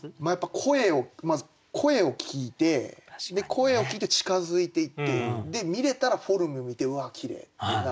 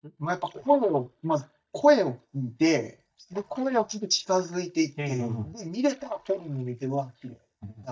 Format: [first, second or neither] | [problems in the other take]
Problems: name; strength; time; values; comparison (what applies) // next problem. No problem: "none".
first | noise reduction (neural mask model DeepFilterNet 3)